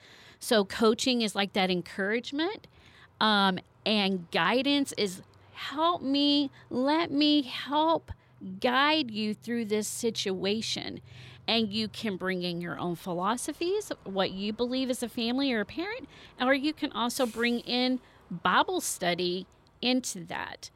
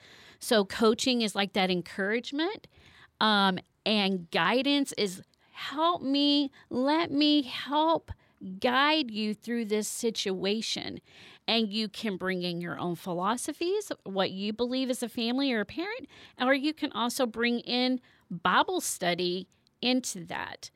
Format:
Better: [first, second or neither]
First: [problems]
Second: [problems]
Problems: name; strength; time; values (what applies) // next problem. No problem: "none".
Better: second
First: train or aircraft noise; faint; throughout; 30 dB below the speech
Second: none